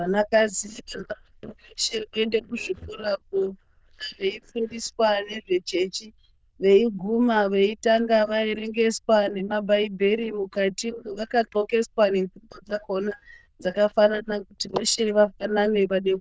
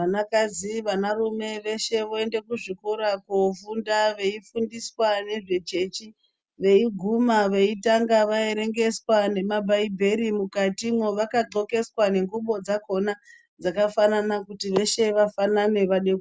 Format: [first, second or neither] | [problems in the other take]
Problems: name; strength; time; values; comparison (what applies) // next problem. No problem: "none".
second | noise reduction (neural diffusion model UNIVERSE++)